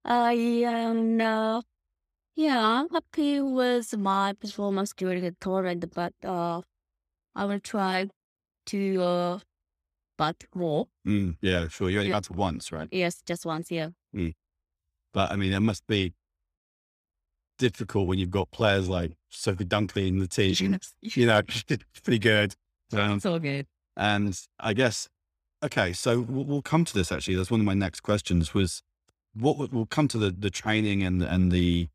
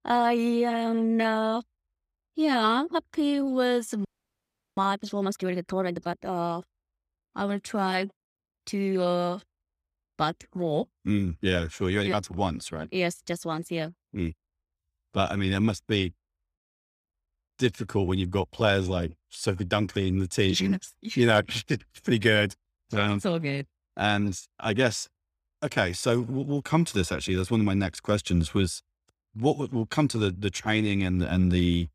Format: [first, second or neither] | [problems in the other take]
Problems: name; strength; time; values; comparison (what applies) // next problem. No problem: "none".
first | audio freezing; at 4 s for 0.5 s